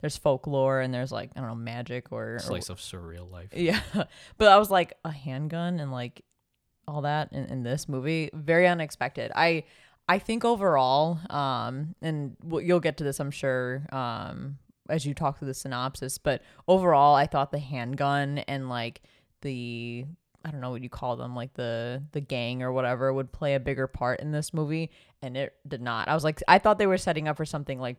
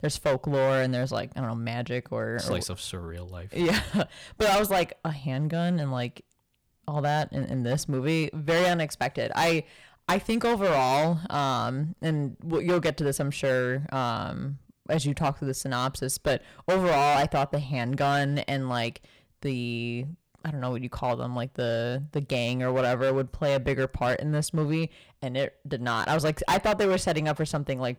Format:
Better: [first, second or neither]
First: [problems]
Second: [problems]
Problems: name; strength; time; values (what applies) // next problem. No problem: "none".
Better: first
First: none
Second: distortion; heavy; 9% of the sound clipped